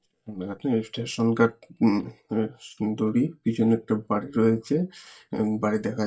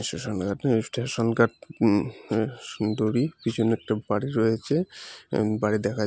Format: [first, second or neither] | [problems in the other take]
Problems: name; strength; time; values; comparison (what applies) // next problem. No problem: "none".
second | noise reduction (neural mask model DeepFilterNet 3)